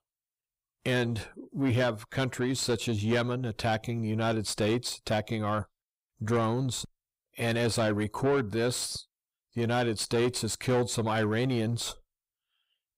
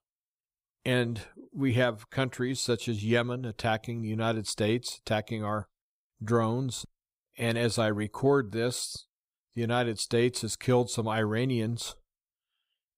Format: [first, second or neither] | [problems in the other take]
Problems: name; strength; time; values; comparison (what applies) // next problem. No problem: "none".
second | distortion; slight; 10 dB below the speech